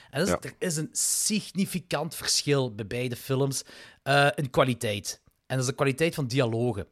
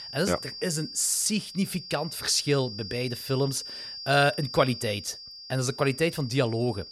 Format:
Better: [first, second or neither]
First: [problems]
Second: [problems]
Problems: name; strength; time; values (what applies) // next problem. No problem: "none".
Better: first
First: none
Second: high-pitched whine; noticeable; throughout; 5 kHz, 10 dB below the speech